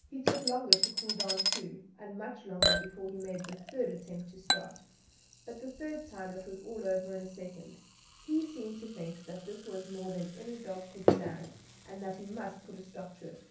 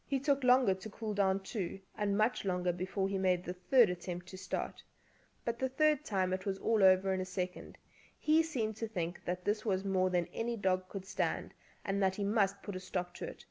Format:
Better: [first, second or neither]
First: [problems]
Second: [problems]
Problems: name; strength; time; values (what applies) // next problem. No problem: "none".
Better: second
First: background sound (Chink, clink / Liquid); 3 dB above the speech // room echo; dies away in 0.6 s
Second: none